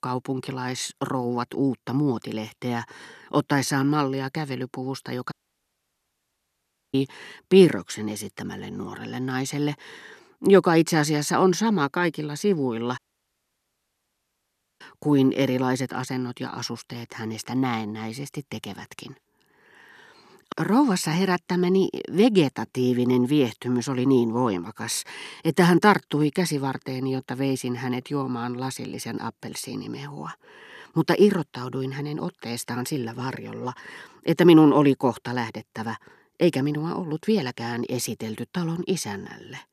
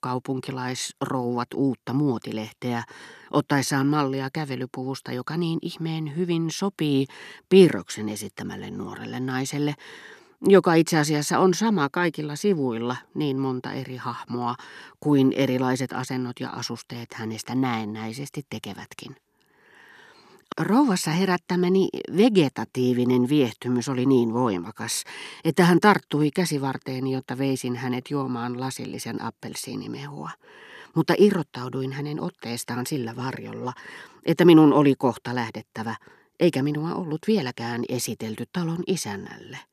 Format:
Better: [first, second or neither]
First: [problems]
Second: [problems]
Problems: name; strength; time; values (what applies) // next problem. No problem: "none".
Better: second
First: audio cutting out; at 5.5 s for 1.5 s and at 13 s for 2 s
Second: none